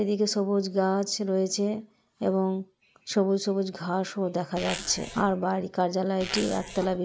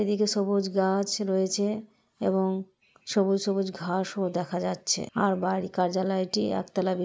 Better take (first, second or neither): second